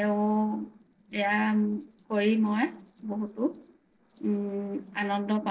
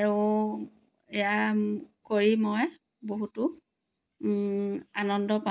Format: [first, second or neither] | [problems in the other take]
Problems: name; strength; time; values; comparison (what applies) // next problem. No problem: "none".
second | noise reduction (neural separator model SepFormer DNS4)